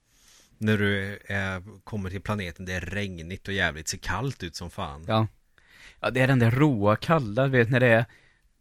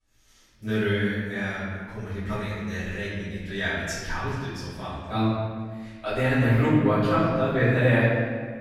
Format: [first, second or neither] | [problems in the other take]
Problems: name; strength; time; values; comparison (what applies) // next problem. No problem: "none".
first | off-mic speech; far // room echo; strong; dies away in 1.6 s